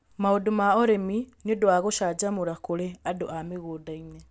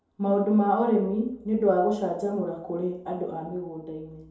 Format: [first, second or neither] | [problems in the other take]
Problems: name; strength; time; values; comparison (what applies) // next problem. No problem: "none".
first | room echo; dies away in 2.6 s